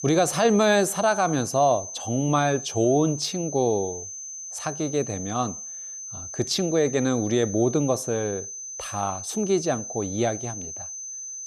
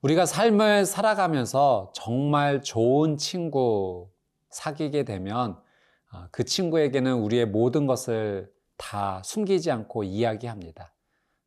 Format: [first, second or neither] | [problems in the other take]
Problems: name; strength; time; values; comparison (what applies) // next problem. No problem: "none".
second | high-pitched whine; loud; throughout; 6 kHz, 9 dB below the speech